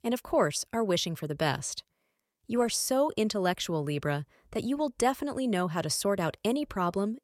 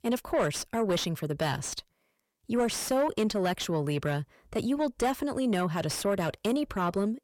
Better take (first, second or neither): first